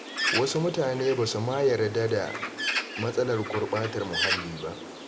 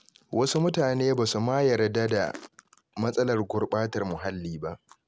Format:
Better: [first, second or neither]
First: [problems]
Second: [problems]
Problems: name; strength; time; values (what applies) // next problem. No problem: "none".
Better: second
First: background sound (Bird); 5 dB below the speech // room echo; dies away in 0.8 s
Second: none